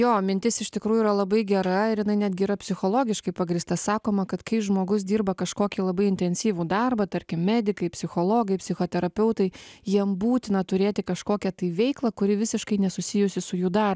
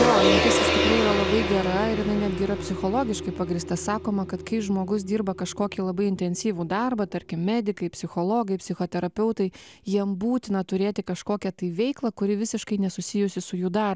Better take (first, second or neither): first